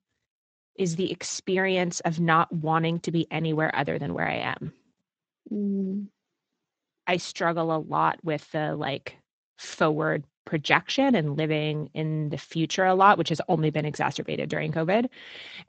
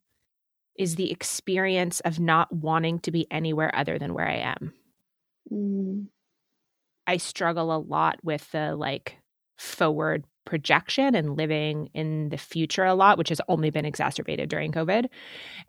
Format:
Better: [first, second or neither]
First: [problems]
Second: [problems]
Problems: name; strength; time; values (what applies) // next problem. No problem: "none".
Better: second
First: garbled, watery; slightly; nothing above 7.5 kHz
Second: none